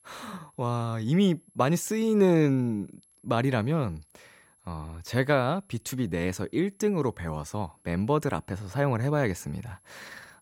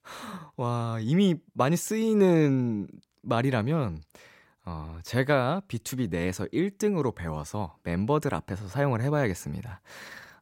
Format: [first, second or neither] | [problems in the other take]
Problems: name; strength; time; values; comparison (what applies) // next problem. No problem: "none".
second | high-pitched whine; faint; throughout; 11 kHz, 35 dB below the speech